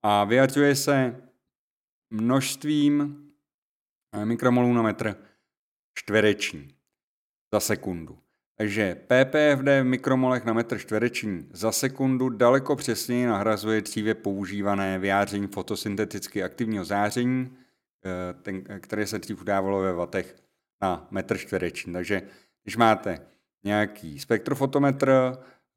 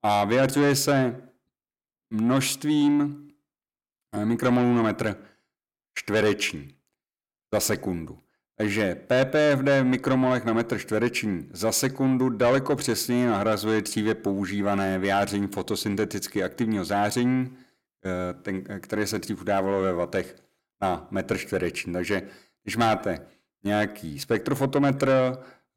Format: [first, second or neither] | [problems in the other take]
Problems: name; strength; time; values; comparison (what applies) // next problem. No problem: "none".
first | distortion; slight; 10 dB below the speech